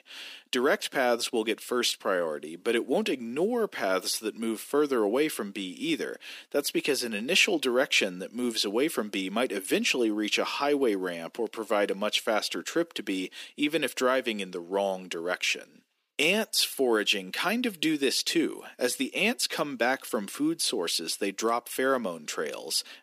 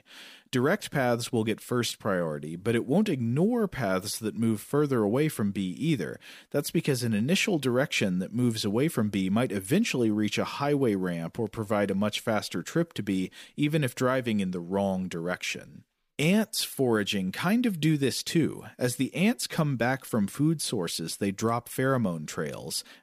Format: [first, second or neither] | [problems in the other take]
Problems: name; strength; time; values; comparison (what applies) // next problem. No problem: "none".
second | thin; somewhat; fading below 300 Hz